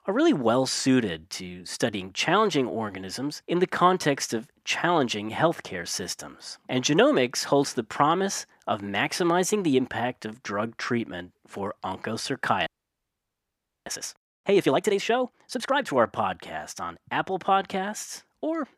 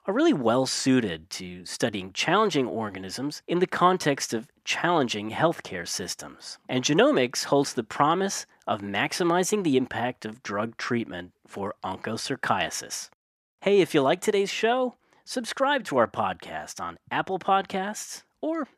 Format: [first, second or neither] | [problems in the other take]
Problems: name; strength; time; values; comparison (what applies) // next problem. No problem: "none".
second | audio freezing; at 13 s for 1 s